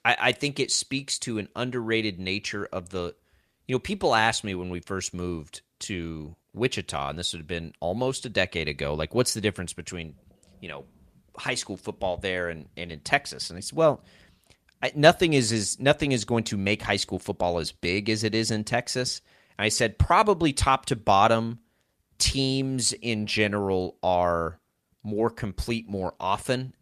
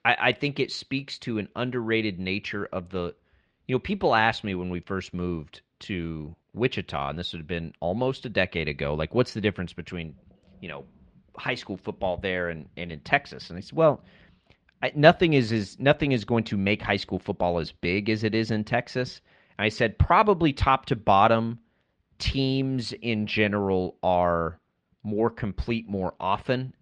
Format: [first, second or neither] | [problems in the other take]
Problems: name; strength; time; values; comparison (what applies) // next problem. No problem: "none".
first | muffled; slightly; fading above 3.5 kHz